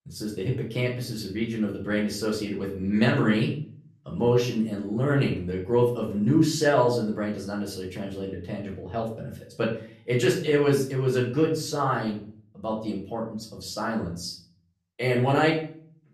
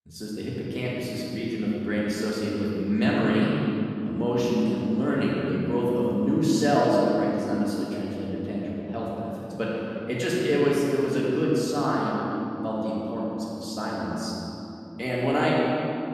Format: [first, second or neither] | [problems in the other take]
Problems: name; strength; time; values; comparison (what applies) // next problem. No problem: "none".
first | room echo; strong; dies away in 3 s; slight in the first // off-mic speech; far; far in the first